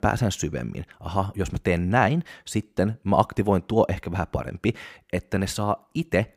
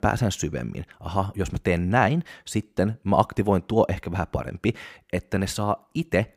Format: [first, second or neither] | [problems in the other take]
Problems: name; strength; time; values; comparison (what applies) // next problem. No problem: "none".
neither | none